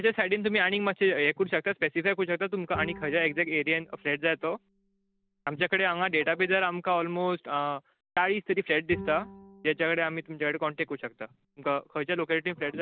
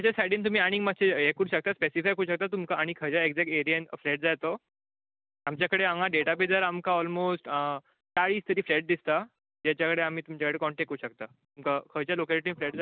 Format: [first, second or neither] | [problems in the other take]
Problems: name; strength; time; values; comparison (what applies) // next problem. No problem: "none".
second | background sound (Bowed string instrument); 18 dB below the speech